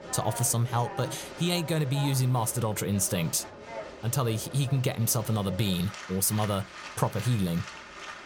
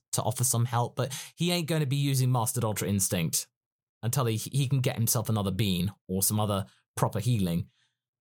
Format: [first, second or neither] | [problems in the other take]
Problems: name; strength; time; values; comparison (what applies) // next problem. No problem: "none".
second | crowd noise; noticeable; throughout; 15 dB below the speech